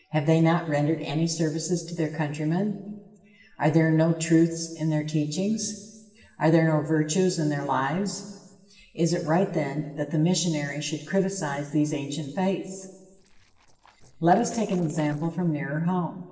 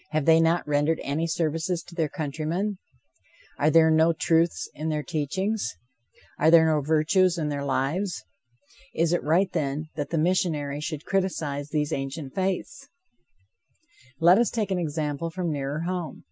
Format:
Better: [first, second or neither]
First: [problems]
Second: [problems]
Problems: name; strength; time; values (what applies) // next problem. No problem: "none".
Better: second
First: noise reduction (neural separator model SepFormer DNS4)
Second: none